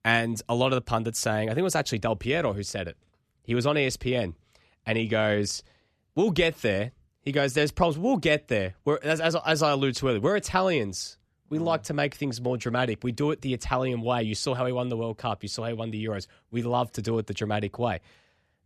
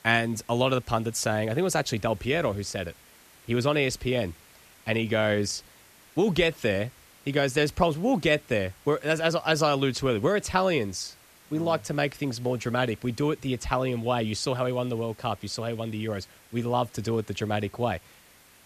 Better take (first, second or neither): first